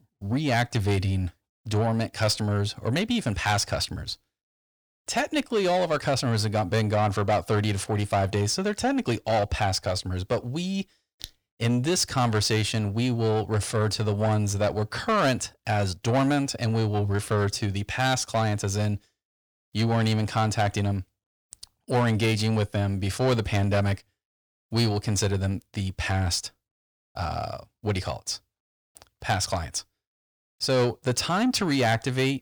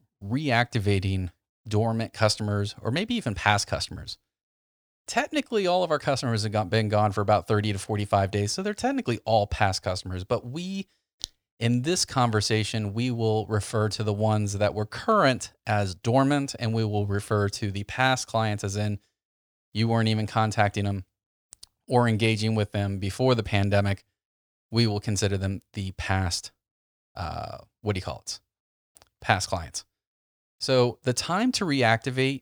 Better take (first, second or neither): second